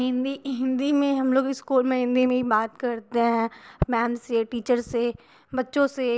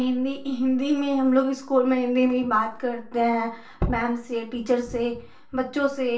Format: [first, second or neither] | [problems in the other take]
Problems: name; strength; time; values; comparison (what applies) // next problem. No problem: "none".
first | room echo; dies away in 0.4 s